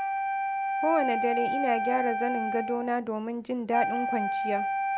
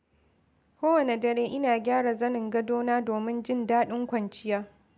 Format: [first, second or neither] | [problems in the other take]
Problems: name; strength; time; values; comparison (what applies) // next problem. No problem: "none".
second | background sound (Wind instrument, woodwind instrument); as loud as the speech